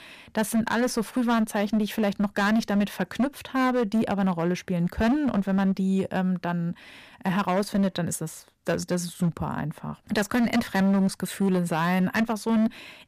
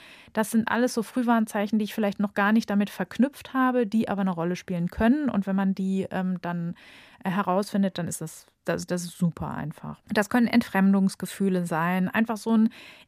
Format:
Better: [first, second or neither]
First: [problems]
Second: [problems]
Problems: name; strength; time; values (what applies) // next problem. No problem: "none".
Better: second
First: distortion; slight; 13% of the sound clipped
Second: none